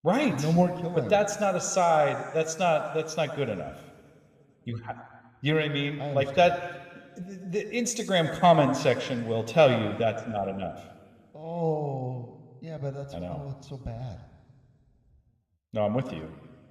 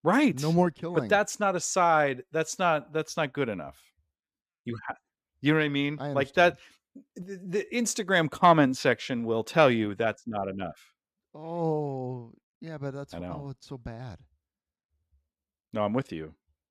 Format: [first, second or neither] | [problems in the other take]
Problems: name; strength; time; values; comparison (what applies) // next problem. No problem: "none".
second | room echo; slight; dies away in 2 s